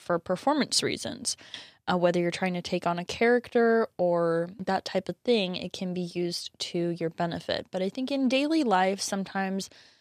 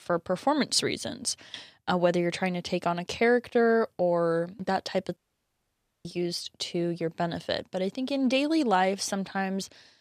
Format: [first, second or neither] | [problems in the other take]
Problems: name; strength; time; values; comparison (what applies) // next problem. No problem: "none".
first | audio cutting out; at 5 s for 1 s